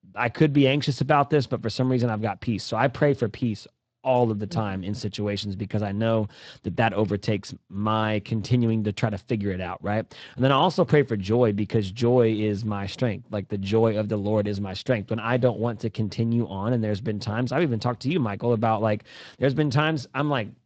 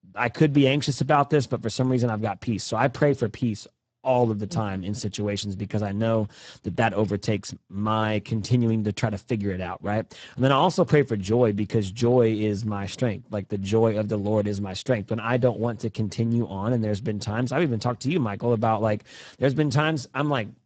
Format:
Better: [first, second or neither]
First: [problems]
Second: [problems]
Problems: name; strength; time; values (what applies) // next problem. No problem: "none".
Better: first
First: garbled, watery; slightly; nothing above 8 kHz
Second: garbled, watery; badly; nothing above 8 kHz